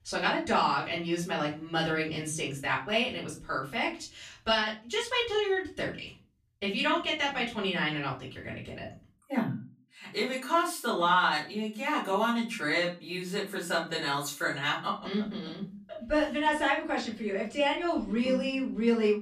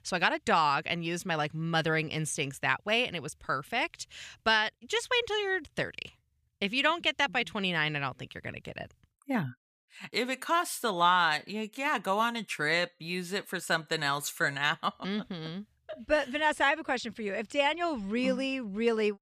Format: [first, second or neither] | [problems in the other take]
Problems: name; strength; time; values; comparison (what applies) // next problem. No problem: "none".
second | off-mic speech; far // room echo; slight; dies away in 0.3 s